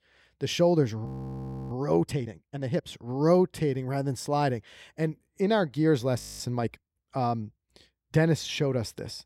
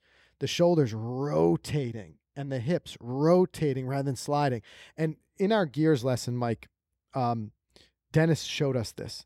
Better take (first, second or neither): second